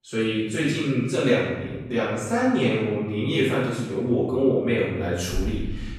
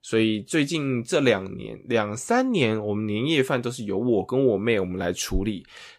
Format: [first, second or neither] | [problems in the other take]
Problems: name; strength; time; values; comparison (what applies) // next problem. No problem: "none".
second | off-mic speech; far // room echo; strong; dies away in 1.3 s